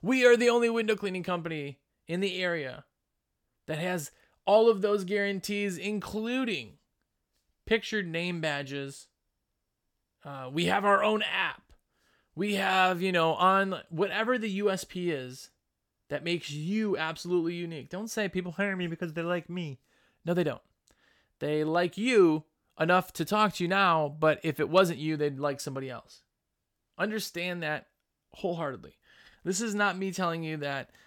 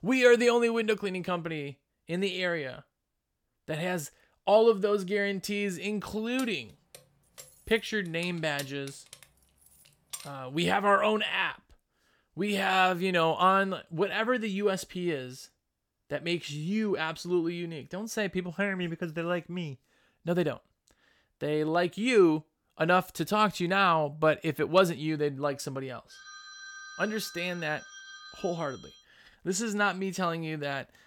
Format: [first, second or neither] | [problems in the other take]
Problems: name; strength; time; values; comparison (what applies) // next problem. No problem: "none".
first | jangling keys; faint; from 6.5 to 10 s; peak 15 dB below the speech // phone ringing; faint; from 26 to 29 s; peak 15 dB below the speech